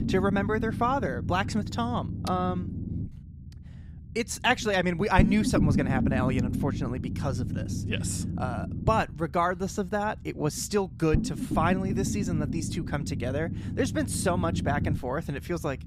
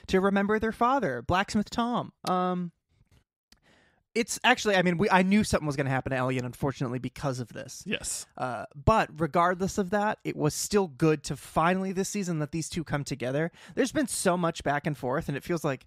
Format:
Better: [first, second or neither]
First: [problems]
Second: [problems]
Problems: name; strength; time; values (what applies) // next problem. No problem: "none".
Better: second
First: low rumble; loud; throughout; 10 dB below the speech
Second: none